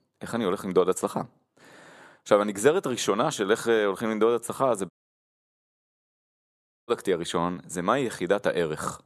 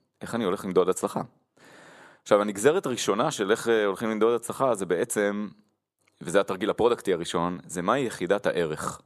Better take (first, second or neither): second